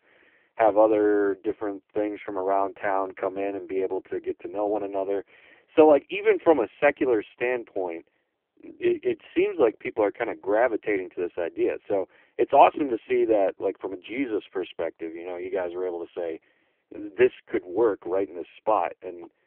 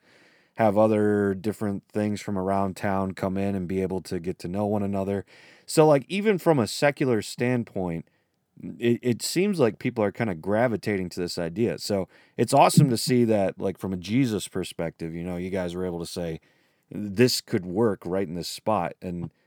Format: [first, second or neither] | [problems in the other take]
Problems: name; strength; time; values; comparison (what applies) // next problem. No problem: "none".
second | phone-call audio; poor line